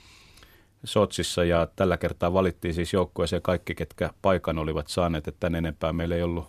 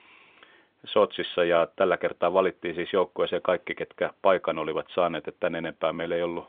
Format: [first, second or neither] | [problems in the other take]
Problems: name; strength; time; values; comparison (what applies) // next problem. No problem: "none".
first | phone-call audio; nothing above 3.5 kHz